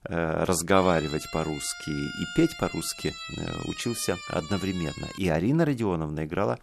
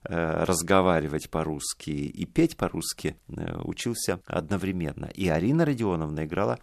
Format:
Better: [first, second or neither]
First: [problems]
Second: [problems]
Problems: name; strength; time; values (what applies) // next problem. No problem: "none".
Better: second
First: siren; noticeable; from 1 to 5 s; peak 8 dB below the speech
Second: none